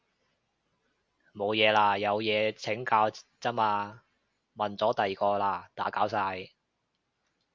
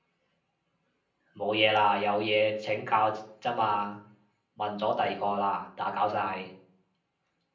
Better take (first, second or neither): first